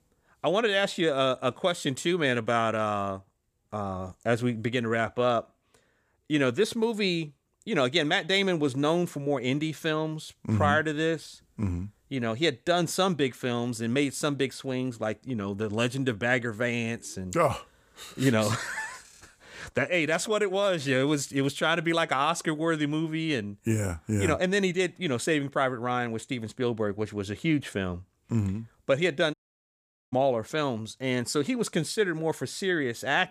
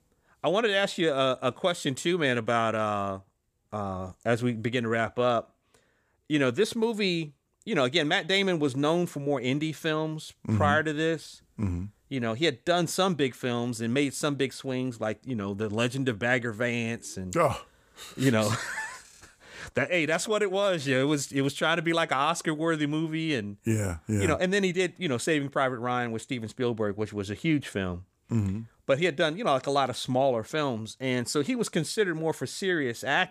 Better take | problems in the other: second | audio cutting out; at 29 s for 1 s

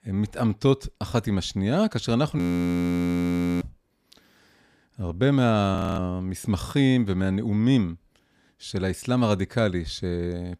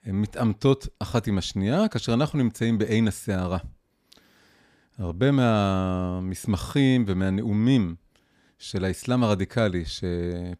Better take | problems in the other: second | audio freezing; at 2.5 s for 1 s and at 6 s

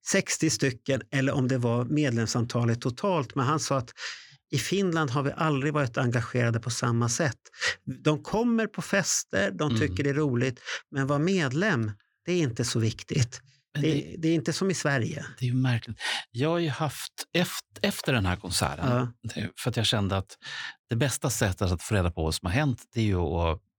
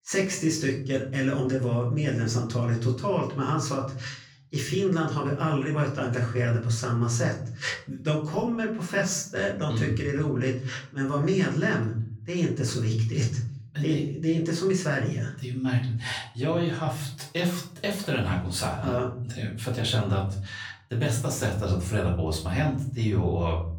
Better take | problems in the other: first | off-mic speech; far // room echo; slight; dies away in 0.6 s

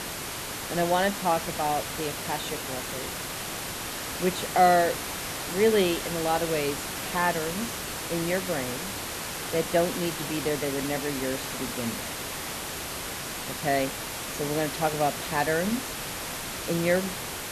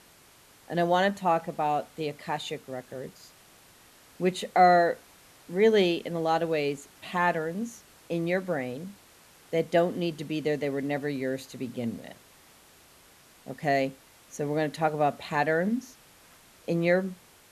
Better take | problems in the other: second | hiss; loud; throughout; 4 dB below the speech; faint in the second

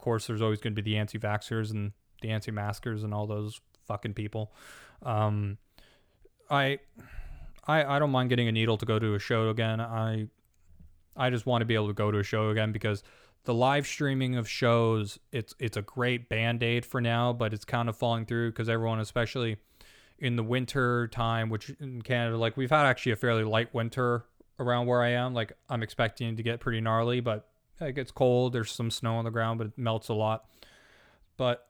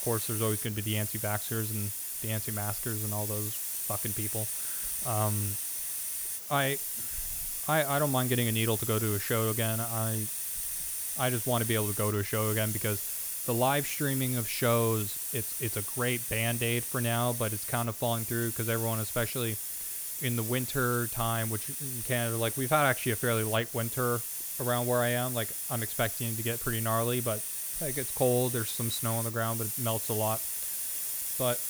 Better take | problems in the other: first | hiss; loud; throughout; 1 dB below the speech

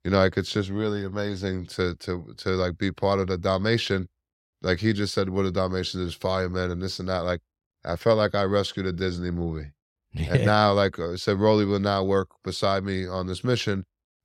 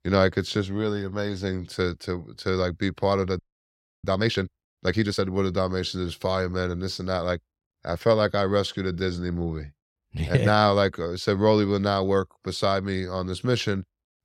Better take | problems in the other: first | audio freezing; at 3.5 s for 0.5 s

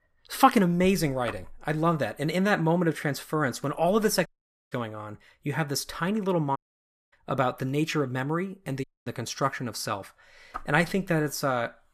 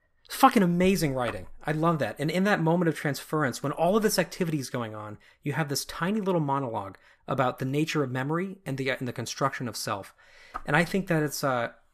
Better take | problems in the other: second | audio cutting out; at 4.5 s, at 6.5 s for 0.5 s and at 9 s

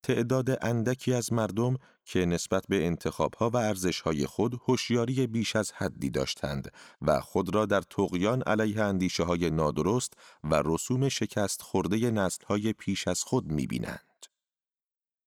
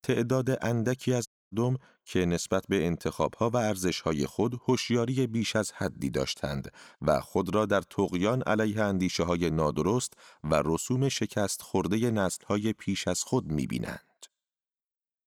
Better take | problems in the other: first | audio cutting out; at 1.5 s

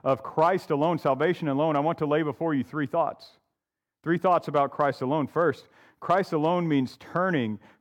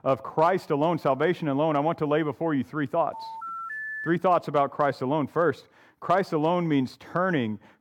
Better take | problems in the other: first | phone ringing; noticeable; at 3 s; peak 7 dB below the speech

